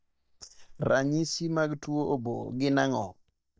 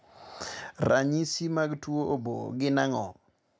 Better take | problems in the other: second | noise reduction (neural mask model DeepFilterNet 3)

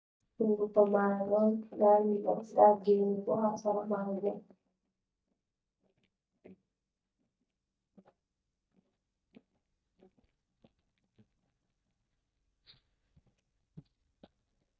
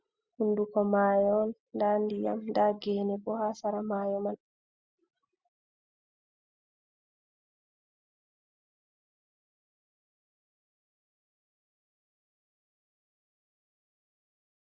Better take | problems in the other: second | noise reduction (neural mask model DeepFilterNet 3)

